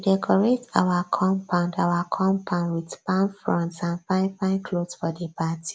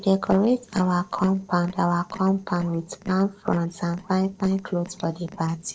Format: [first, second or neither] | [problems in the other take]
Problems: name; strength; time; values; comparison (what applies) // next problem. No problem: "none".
first | noise reduction (neural separator model SepFormer DNS4)